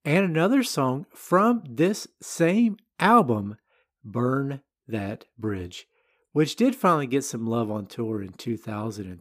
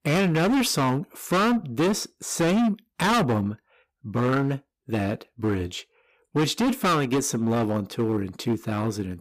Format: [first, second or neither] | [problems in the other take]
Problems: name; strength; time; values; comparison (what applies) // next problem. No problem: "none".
first | distortion; heavy; 17% of the sound clipped